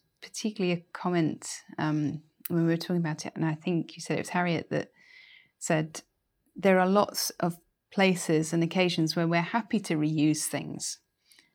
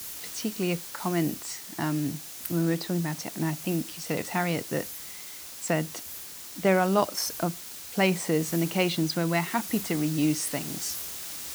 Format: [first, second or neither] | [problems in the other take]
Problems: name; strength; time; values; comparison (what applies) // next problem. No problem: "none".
first | hiss; loud; throughout; 8 dB below the speech